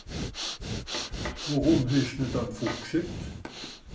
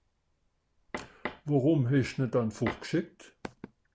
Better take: second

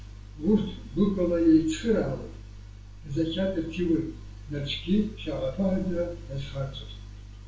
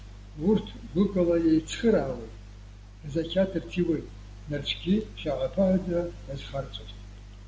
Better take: second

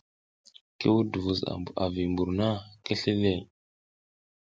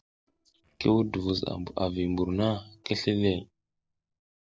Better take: first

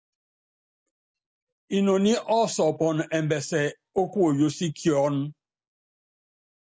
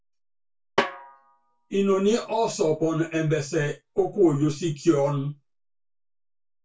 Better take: first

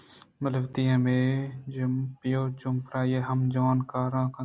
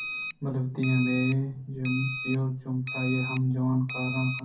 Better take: first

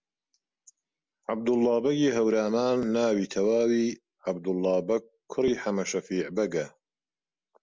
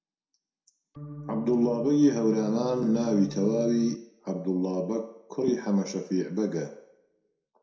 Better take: first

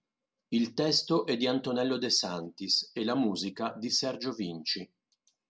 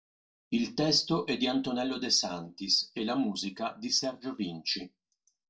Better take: first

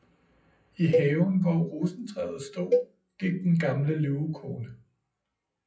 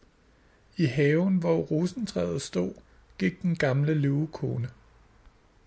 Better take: second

